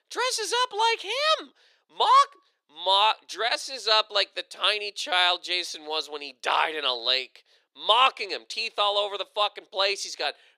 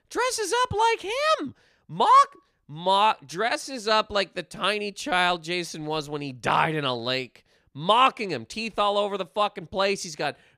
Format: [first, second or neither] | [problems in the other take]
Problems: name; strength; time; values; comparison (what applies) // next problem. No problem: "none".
second | thin; very; fading below 400 Hz